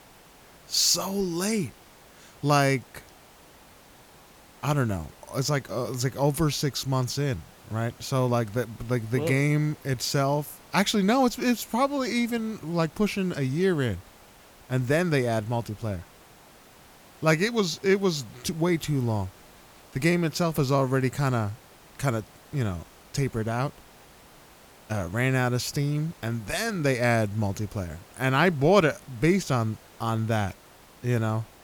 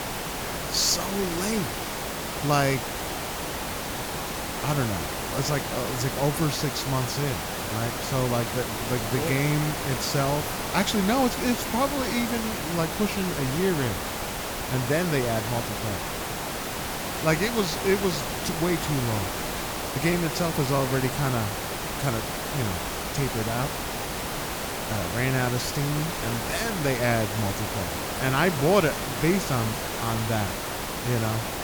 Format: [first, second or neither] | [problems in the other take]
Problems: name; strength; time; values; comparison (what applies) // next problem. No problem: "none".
first | hiss; loud; throughout; 2 dB below the speech; faint in the first